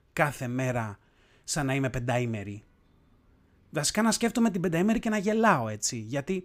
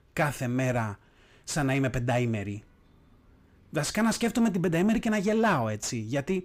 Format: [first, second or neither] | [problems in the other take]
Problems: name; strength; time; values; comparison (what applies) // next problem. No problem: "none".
first | distortion; slight; 10 dB below the speech